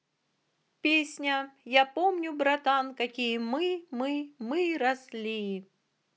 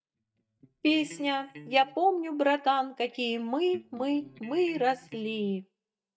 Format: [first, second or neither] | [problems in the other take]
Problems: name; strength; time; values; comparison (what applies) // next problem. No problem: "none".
first | noise reduction (neural mask model DeepFilterNet 3)